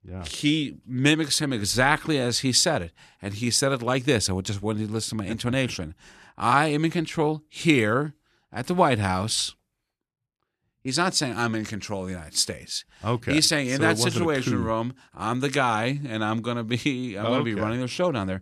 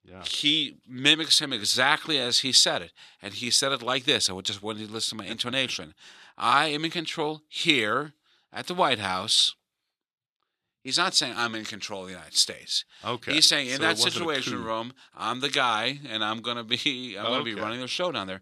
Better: first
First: none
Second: thin; very slightly; fading below 400 Hz

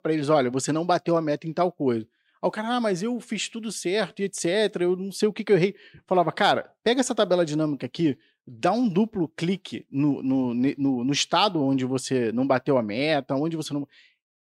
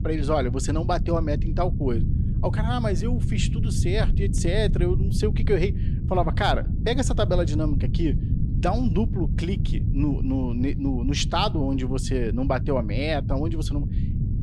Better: first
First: none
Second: low rumble; noticeable; throughout; 10 dB below the speech

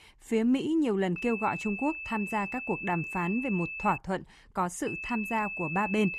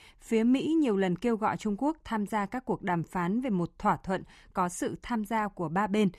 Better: second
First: high-pitched whine; loud; from 1 to 4 s and from 5 s on; 2.5 kHz, 6 dB below the speech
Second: none

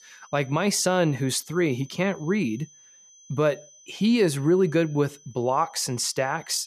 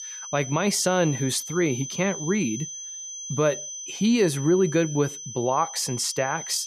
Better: first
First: high-pitched whine; faint; throughout; 6 kHz, 25 dB below the speech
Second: high-pitched whine; loud; throughout; 6 kHz, 9 dB below the speech

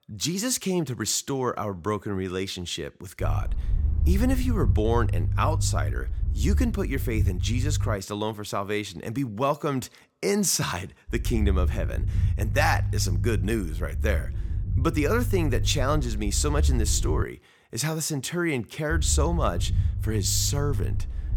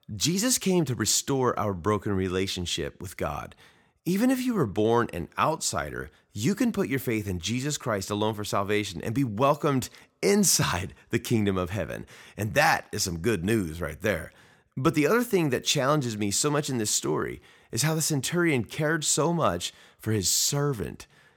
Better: second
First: low rumble; noticeable; from 3 to 8 s, from 11 to 17 s and from 19 s on; 15 dB below the speech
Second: none

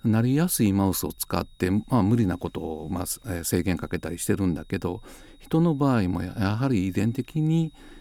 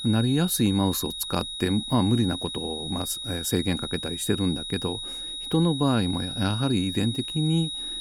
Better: first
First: high-pitched whine; faint; throughout; 4 kHz, 35 dB below the speech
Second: high-pitched whine; loud; throughout; 4 kHz, 6 dB below the speech

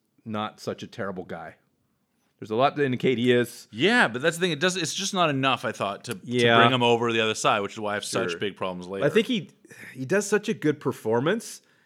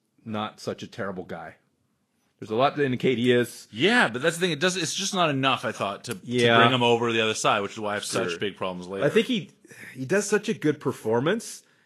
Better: first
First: none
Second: garbled, watery; slightly; nothing above 12.5 kHz

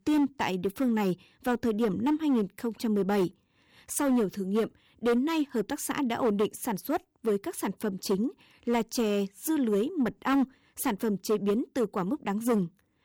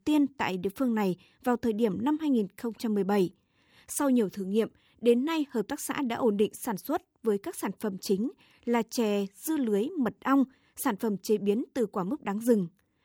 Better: second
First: distortion; slight; 7% of the sound clipped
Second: none

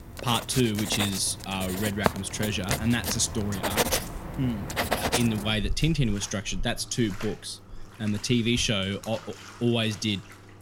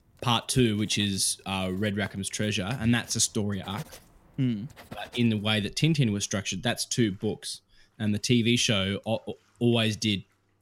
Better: second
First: household noises; loud; throughout; 4 dB below the speech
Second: household noises; faint; throughout; 25 dB below the speech

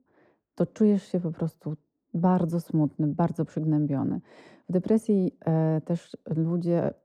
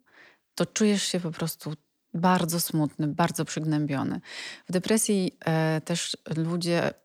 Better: second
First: muffled; very; fading above 1.5 kHz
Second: none

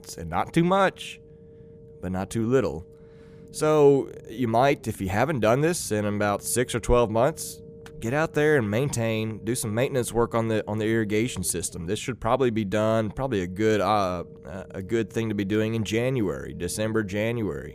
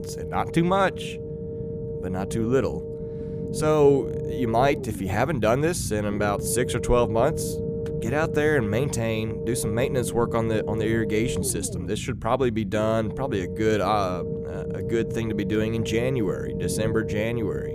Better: first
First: low rumble; faint; throughout; 25 dB below the speech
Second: low rumble; loud; throughout; 8 dB below the speech

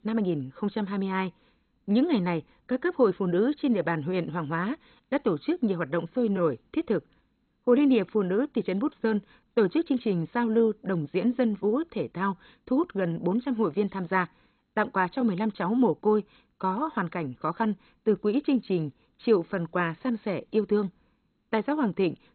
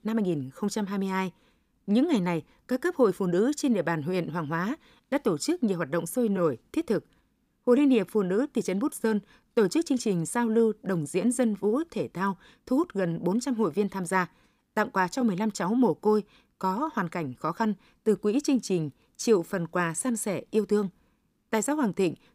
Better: second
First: garbled, watery; badly; nothing above 4 kHz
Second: none

